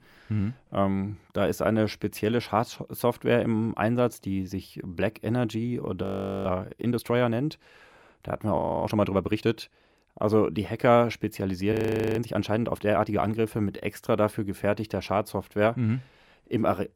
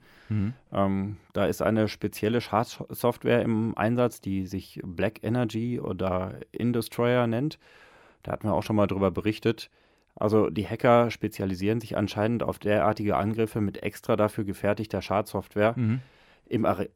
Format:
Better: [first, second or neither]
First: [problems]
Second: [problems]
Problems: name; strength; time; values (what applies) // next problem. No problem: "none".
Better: second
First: audio freezing; at 6 s, at 8.5 s and at 12 s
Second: none